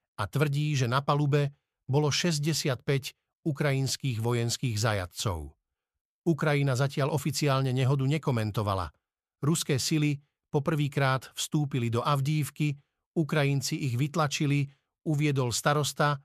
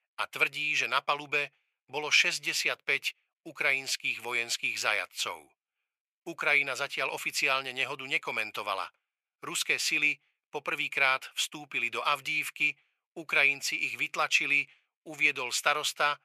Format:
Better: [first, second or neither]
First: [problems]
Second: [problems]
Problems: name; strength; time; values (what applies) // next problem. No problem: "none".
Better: first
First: none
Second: thin; very; fading below 650 Hz